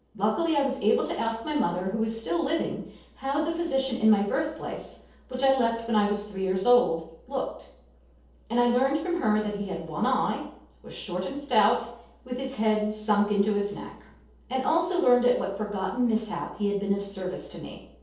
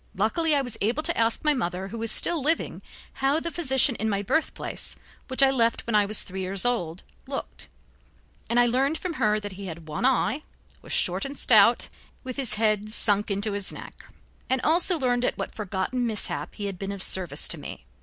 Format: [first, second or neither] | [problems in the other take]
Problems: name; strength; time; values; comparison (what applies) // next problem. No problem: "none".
second | room echo; dies away in 0.7 s